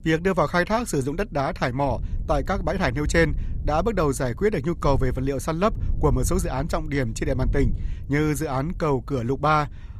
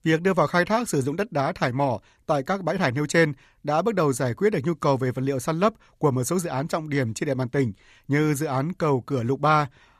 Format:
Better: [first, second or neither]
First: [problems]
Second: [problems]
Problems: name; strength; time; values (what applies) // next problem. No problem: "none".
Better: second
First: wind noise on the microphone; occasional gusts; 25 dB below the speech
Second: none